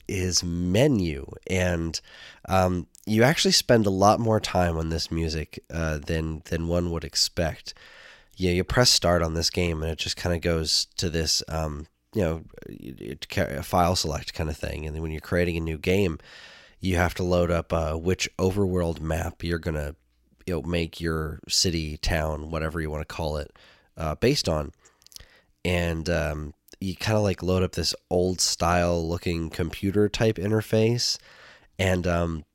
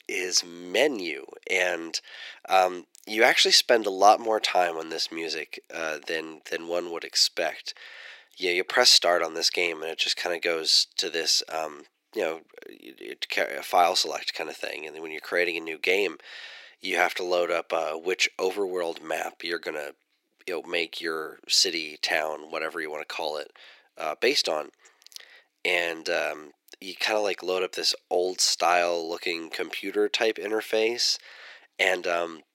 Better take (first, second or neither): first